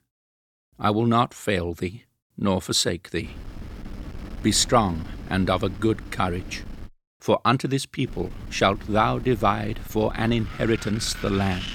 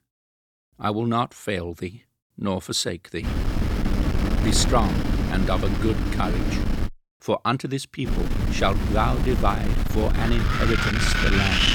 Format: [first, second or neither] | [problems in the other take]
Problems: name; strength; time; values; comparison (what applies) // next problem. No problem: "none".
first | wind noise on the microphone; heavy; from 3 to 7 s and from 8 s on; 2 dB below the speech; occasional gusts in the first